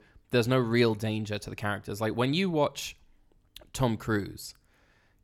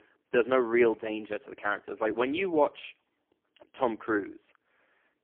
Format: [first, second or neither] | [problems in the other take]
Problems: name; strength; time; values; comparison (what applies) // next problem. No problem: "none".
first | phone-call audio; poor line; nothing above 3 kHz